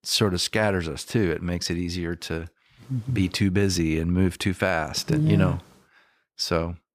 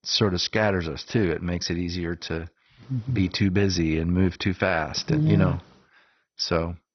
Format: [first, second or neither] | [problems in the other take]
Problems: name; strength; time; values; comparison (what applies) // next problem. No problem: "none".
first | garbled, watery; badly; nothing above 6 kHz